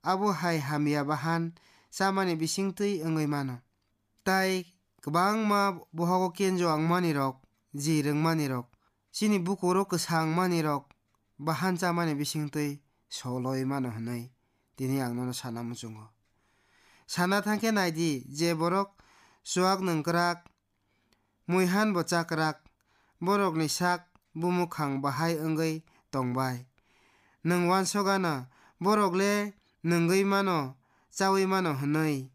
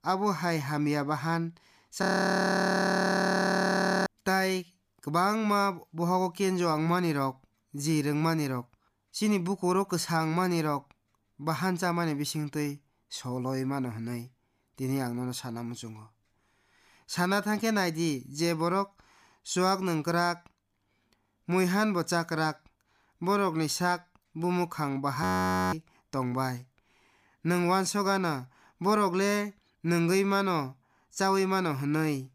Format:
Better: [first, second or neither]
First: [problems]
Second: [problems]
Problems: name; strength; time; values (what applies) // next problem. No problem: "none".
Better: first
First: none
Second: audio freezing; at 2 s for 2 s and at 25 s